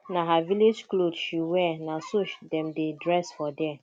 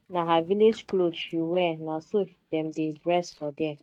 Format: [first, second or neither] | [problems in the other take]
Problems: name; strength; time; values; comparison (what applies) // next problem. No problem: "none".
first | noise reduction (neural mask model DeepFilterNet 3)